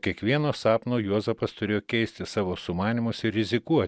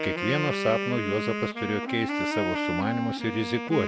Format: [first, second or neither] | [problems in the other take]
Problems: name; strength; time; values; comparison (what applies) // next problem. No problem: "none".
first | background sound (Wind instrument, woodwind instrument); 1 dB below the speech